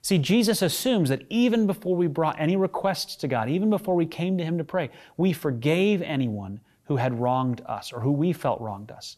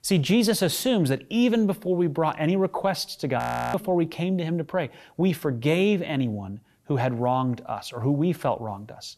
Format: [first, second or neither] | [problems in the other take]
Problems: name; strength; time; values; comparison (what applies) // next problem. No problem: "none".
first | audio freezing; at 3.5 s